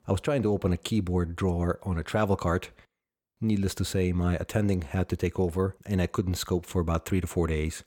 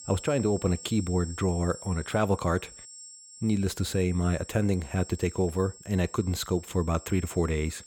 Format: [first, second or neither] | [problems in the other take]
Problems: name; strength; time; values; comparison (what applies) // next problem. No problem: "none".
first | high-pitched whine; noticeable; throughout; 7.5 kHz, 15 dB below the speech